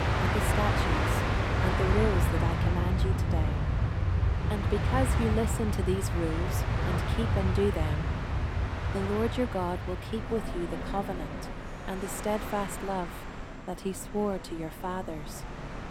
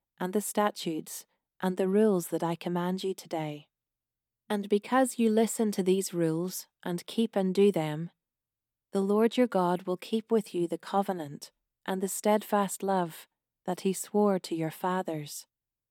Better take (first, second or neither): second